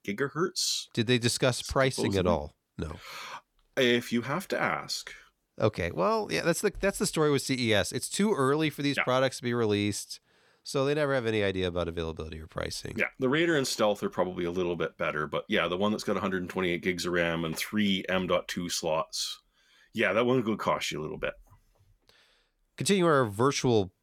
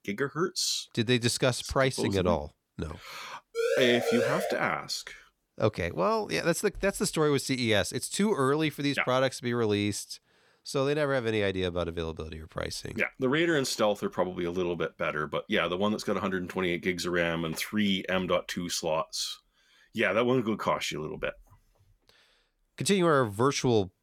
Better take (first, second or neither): first